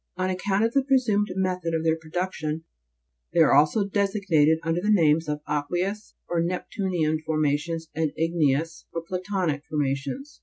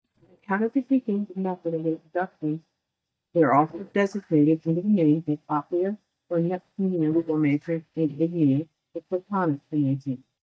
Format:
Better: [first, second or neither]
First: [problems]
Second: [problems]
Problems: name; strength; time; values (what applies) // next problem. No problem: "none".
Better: first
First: none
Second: noise reduction (neural mask model DeepFilterNet 3)